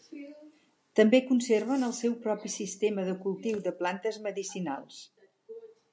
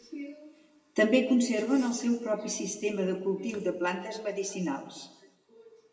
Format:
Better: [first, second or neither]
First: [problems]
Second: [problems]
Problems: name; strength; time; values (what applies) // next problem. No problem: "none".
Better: first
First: none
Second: room echo; dies away in 0.9 s